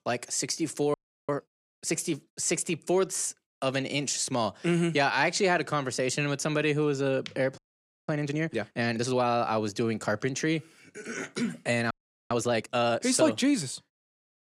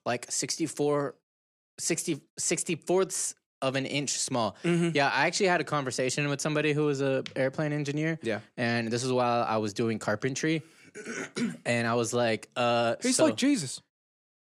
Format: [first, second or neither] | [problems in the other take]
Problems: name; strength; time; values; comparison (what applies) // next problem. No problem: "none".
second | audio freezing; at 1 s, at 7.5 s for 0.5 s and at 12 s